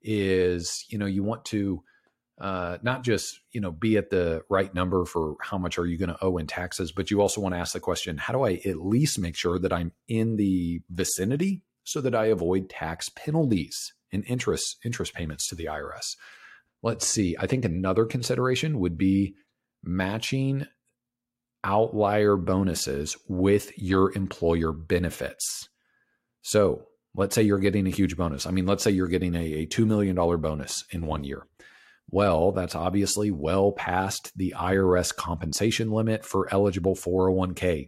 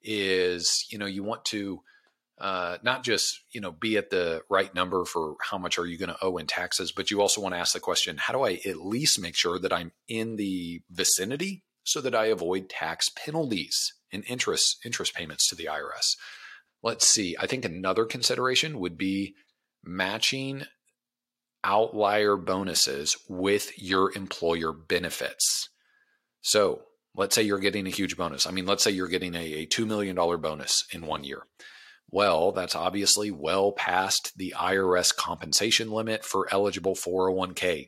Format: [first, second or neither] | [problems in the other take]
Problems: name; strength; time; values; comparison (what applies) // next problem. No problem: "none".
first | thin; somewhat; fading below 750 Hz